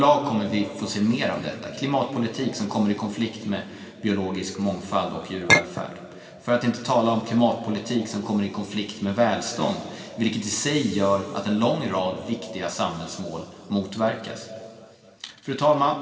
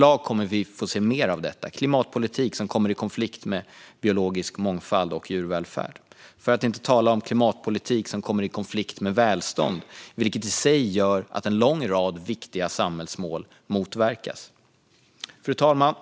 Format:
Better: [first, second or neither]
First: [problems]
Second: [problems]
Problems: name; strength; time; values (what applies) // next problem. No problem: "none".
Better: second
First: background sound (Chink, clink); 3 dB above the speech // room echo; dies away in 2.4 s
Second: none